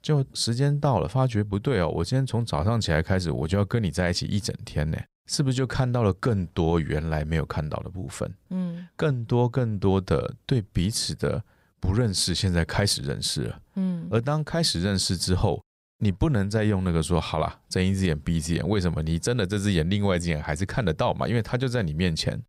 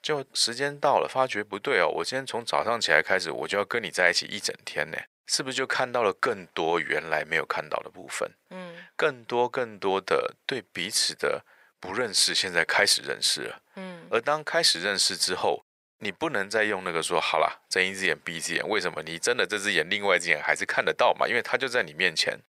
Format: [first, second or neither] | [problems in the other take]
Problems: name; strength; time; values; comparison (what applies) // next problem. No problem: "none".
first | thin; very; fading below 550 Hz